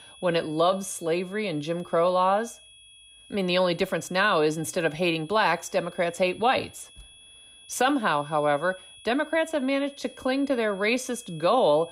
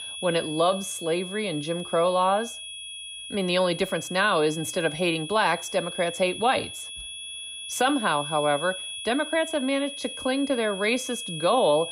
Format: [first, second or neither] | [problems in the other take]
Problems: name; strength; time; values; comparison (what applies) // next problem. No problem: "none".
first | high-pitched whine; loud; throughout; 3.5 kHz, 9 dB below the speech; faint in the first